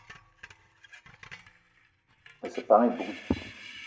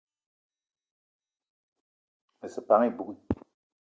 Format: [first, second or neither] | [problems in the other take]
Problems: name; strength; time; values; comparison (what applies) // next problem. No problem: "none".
second | background sound (Screech); 17 dB below the speech // room echo; dies away in 0.7 s